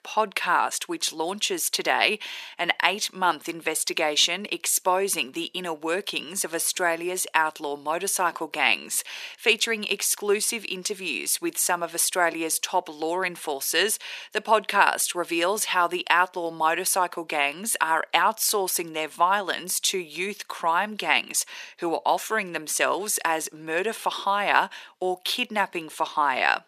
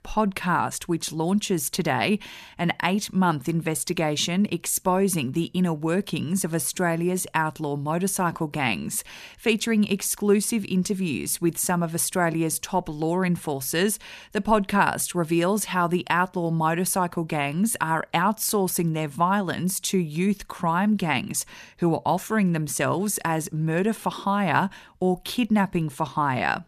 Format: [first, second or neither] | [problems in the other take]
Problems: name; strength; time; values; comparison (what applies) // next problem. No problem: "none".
second | thin; very; fading below 400 Hz